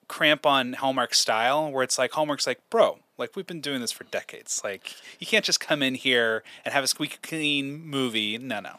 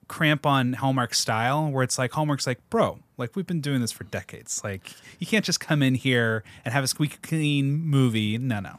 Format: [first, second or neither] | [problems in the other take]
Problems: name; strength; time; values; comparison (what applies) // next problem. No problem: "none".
second | thin; somewhat; fading below 400 Hz